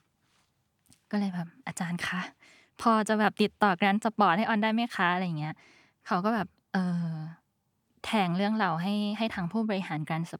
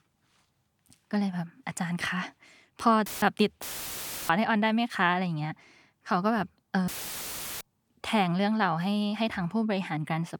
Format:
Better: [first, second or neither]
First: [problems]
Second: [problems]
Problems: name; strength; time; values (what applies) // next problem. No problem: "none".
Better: first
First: none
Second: audio cutting out; filled with static; at 3 s, at 3.5 s for 0.5 s and at 7 s for 0.5 s